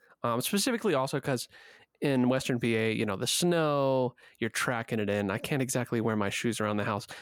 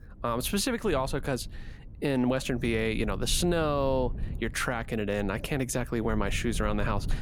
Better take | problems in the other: first | low rumble; faint; throughout; 20 dB below the speech

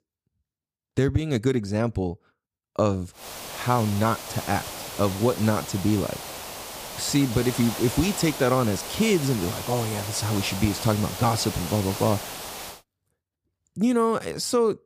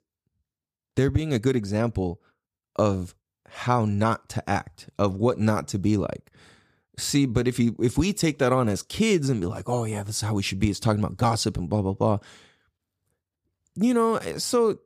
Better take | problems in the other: second | hiss; loud; from 3 to 13 s; 8 dB below the speech

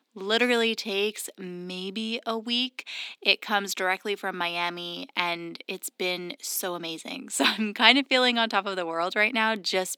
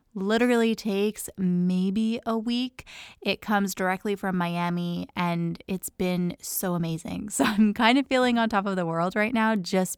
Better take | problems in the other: second | thin; somewhat; fading below 250 Hz

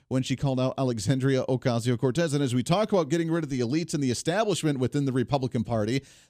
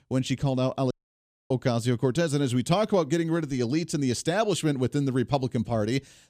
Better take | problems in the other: first | audio cutting out; at 1 s for 0.5 s

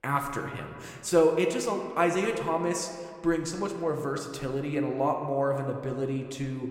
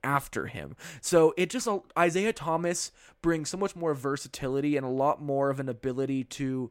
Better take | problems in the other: second | room echo; slight; dies away in 1.5 s

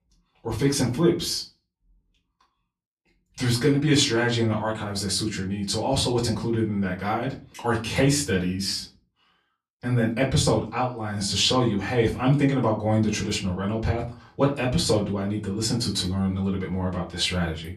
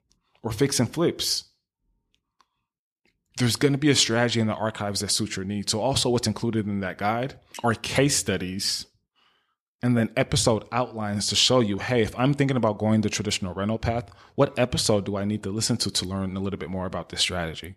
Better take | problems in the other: second | off-mic speech; far // room echo; very slight; dies away in 0.3 s

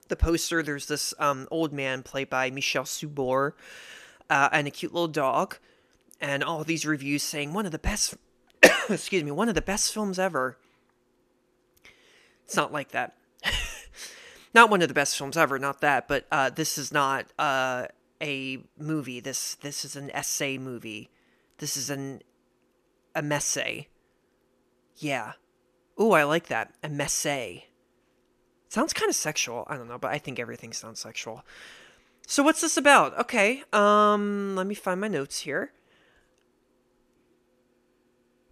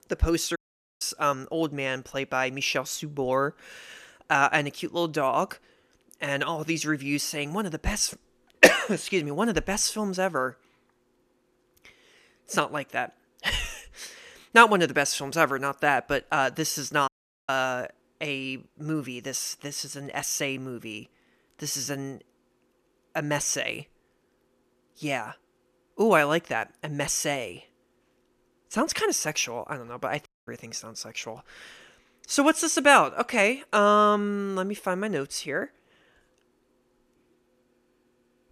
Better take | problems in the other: first | audio cutting out; at 0.5 s, at 17 s and at 30 s

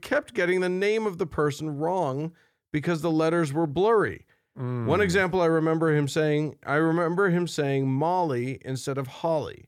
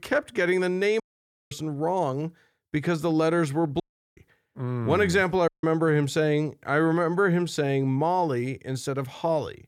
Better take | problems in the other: first | audio cutting out; at 1 s for 0.5 s, at 4 s and at 5.5 s

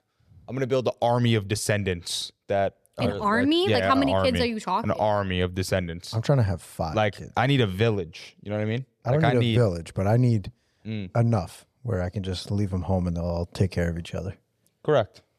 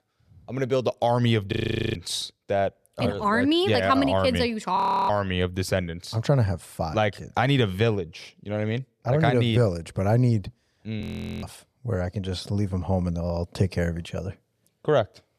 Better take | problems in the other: first | audio freezing; at 1.5 s, at 5 s and at 11 s

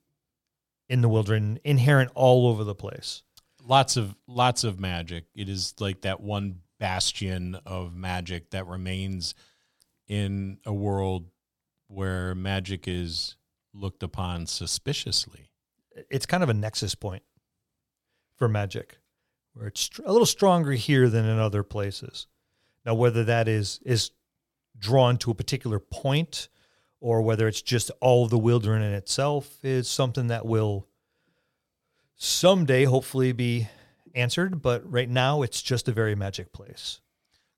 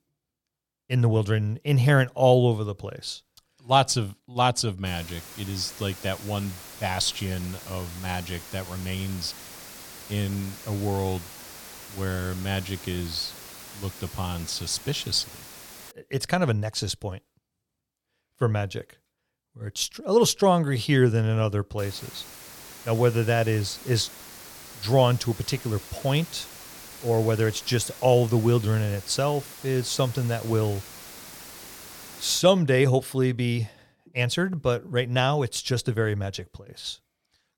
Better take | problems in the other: first | hiss; noticeable; from 5 to 16 s and from 22 to 32 s; 15 dB below the speech

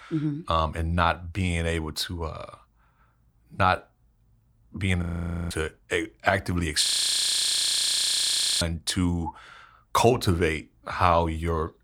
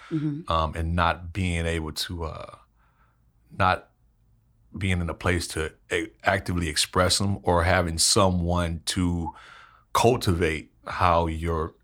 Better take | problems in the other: second | audio freezing; at 5 s and at 7 s for 2 s

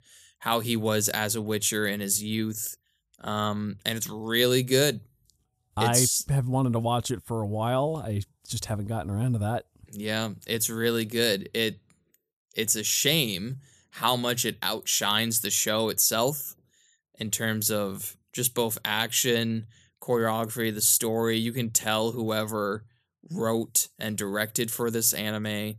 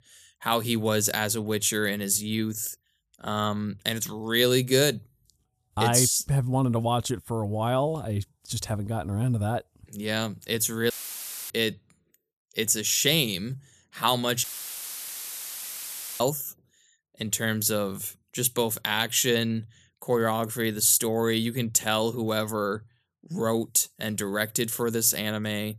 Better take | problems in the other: first | audio cutting out; filled with static; at 11 s for 0.5 s and at 14 s for 2 s

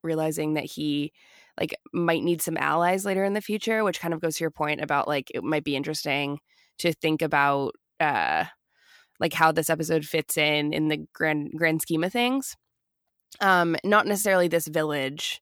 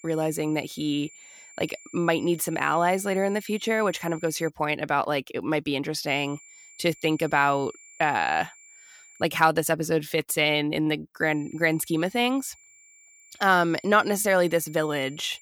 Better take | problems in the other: first | high-pitched whine; faint; until 4.5 s, from 6 to 9 s and from 11 s on; 7 kHz, 25 dB below the speech

